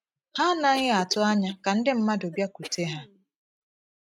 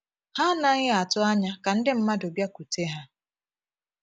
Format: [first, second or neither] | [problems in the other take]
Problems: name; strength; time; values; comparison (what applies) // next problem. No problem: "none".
second | noise reduction (neural mask model RNNoise)